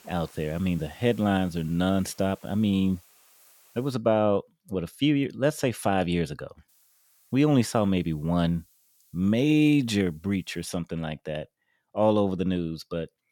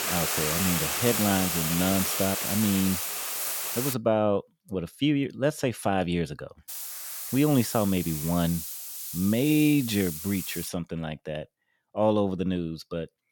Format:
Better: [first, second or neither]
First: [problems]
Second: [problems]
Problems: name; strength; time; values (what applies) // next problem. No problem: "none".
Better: first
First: hiss; faint; until 4 s and from 6.5 to 11 s; 30 dB below the speech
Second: hiss; loud; until 4 s and from 6.5 to 11 s; 2 dB below the speech